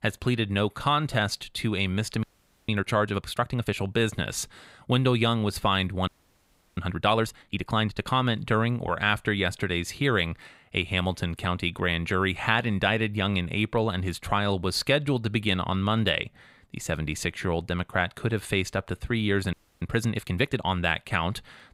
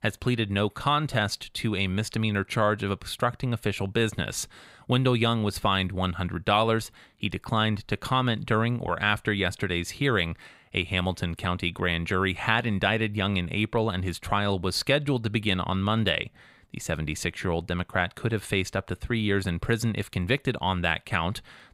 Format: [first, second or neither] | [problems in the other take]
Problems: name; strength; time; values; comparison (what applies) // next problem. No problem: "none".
second | audio freezing; at 2 s, at 6 s for 0.5 s and at 20 s